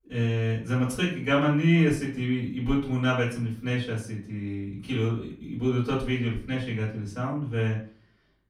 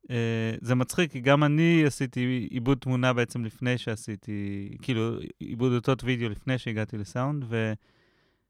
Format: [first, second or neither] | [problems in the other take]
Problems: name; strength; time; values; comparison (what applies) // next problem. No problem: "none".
second | room echo; slight; dies away in 0.3 s // off-mic speech; far